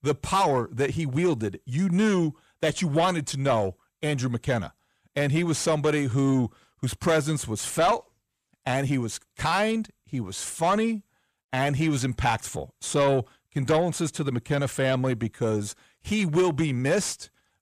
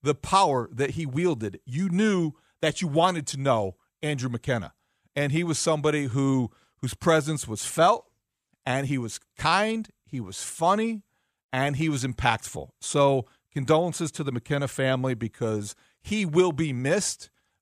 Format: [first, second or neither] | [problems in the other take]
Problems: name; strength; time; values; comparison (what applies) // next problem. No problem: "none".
second | distortion; slight; 10 dB below the speech